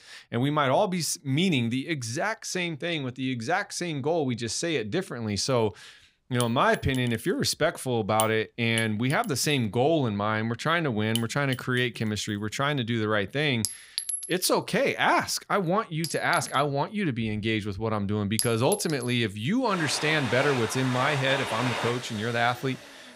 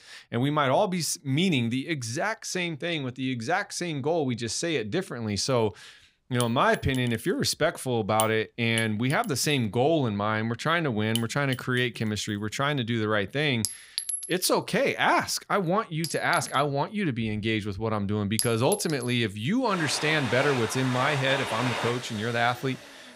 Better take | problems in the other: neither | household noises; loud; from 5.5 s on; 8 dB below the speech; the same in both

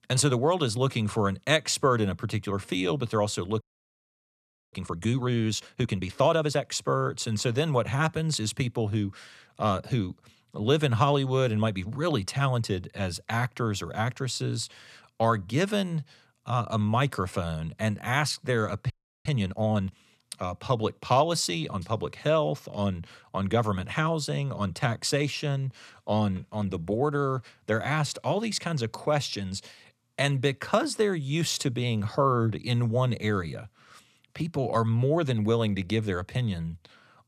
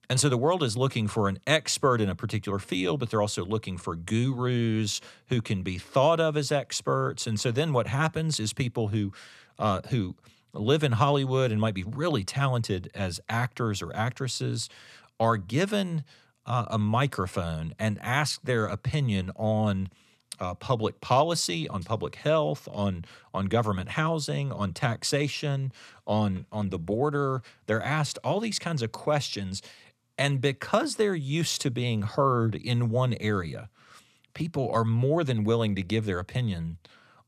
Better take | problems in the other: second | audio freezing; at 3.5 s for 1 s and at 19 s

